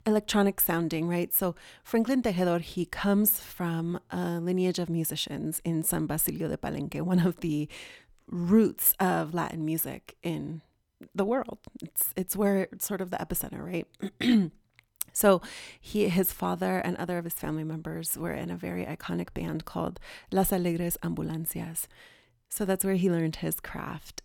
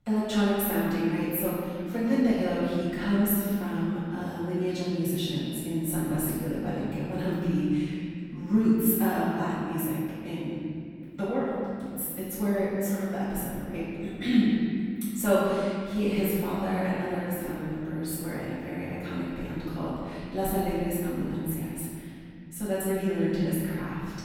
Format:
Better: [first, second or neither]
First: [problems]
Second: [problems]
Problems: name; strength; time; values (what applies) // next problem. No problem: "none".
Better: first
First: none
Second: off-mic speech; far // room echo; strong; dies away in 2.6 s